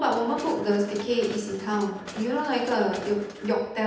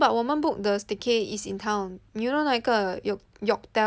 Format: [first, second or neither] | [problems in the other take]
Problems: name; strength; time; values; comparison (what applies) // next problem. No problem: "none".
second | background sound (Mechanisms); 15 dB below the speech // room echo; dies away in 0.8 s